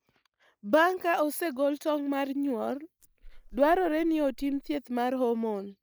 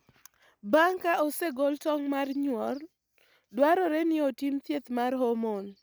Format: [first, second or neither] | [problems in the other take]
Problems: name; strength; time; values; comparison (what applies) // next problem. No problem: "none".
second | noise reduction (neural mask model DeepFilterNet 3)